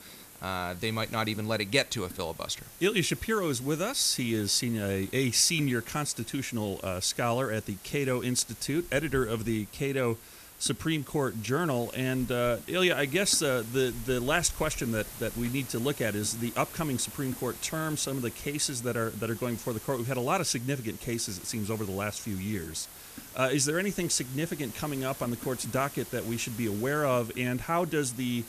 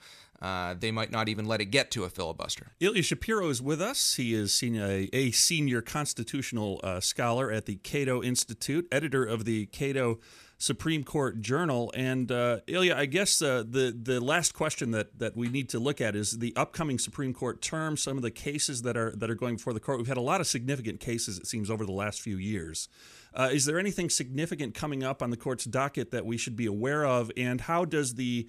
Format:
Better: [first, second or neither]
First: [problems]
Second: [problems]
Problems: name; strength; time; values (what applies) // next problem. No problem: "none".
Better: second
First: hiss; noticeable; throughout; 15 dB below the speech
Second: none